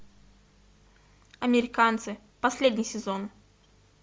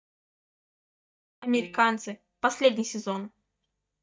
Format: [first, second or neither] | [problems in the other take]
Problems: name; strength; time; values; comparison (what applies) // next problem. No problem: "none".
first | noise reduction (neural mask model DeepFilterNet 3)